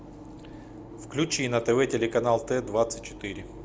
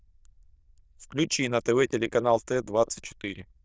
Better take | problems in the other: first | noise reduction (neural diffusion model UNIVERSE++)

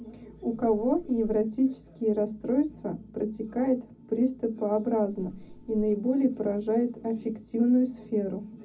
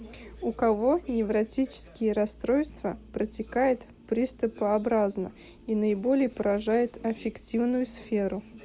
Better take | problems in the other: second | background sound (Wind); 18 dB below the speech // room echo; dies away in 0.4 s

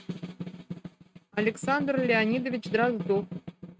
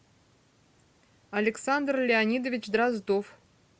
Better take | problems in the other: second | noise reduction (neural mask model RNNoise)

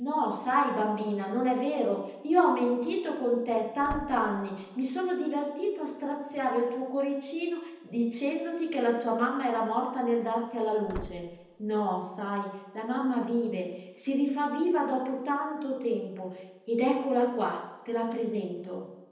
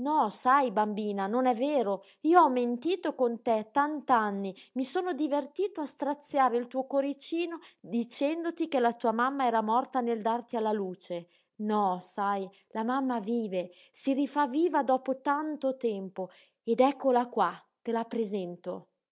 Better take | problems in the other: second | background sound (Slam / Wood); 14 dB below the speech // room echo; dies away in 0.9 s

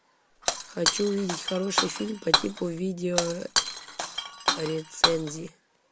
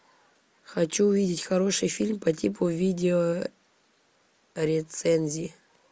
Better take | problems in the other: second | background sound (Shatter); 2 dB above the speech

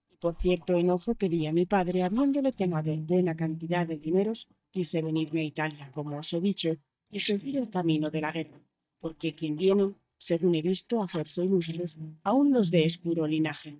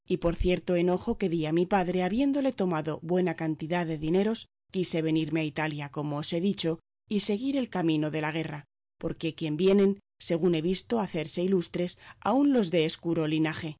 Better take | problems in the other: second | noise reduction (neural mask model DeepFilterNet 3)

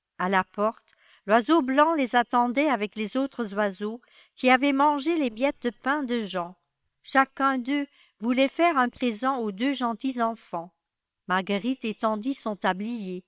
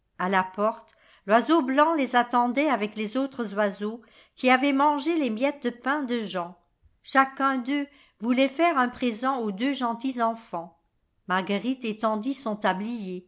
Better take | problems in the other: second | noise reduction (neural separator model SepFormer WHAM!)

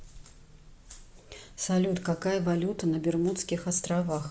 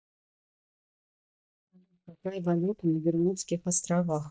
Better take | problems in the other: first | noise reduction (neural mask model DeepFilterNet 3)

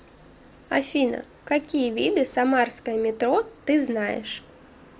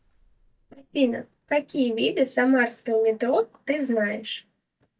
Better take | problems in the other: first | noise reduction (neural mask model DeepFilterNet 3)

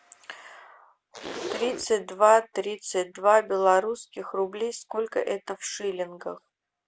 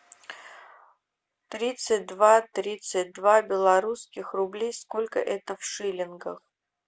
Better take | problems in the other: second | background sound (Zipper (clothing)); 12 dB below the speech

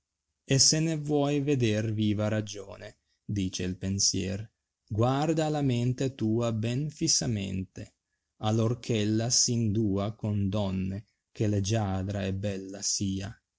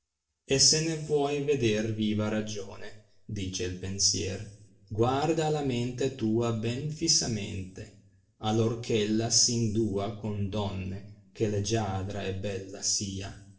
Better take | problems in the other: first | room echo; dies away in 0.7 s

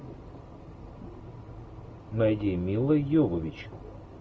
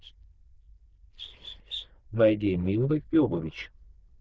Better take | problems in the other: first | noise reduction (neural diffusion model UNIVERSE++)

